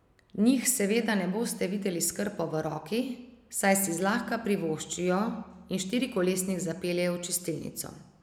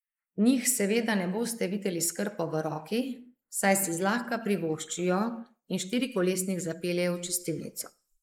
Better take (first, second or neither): first